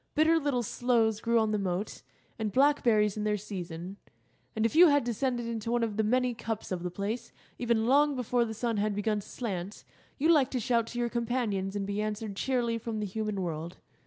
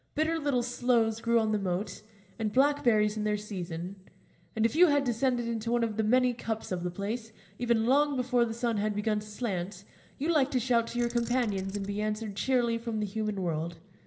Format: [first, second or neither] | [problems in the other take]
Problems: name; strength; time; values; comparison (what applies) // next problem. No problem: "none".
first | background sound (Keys jangling); 18 dB below the speech // room echo; dies away in 1 s